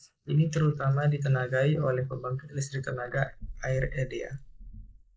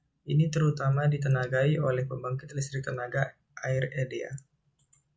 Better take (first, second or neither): second